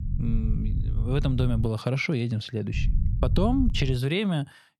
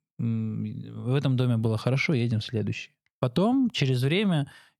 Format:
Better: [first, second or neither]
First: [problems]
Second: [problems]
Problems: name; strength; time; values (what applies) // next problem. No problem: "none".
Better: second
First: low rumble; noticeable; until 1.5 s and from 2.5 to 4 s; 15 dB below the speech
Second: none